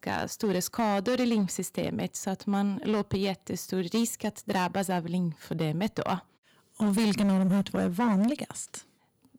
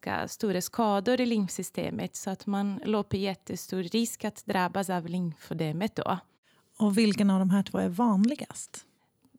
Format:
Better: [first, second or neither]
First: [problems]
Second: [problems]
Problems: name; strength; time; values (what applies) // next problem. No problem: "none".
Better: second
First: distortion; slight; 11% of the sound clipped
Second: none